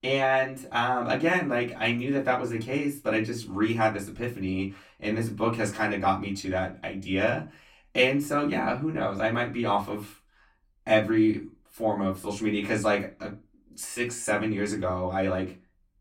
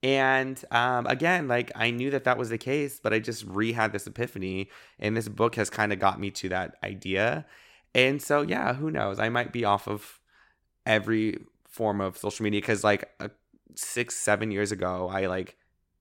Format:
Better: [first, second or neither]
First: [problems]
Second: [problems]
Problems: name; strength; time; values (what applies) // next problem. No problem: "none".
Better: second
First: off-mic speech; far // room echo; very slight; dies away in 0.2 s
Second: none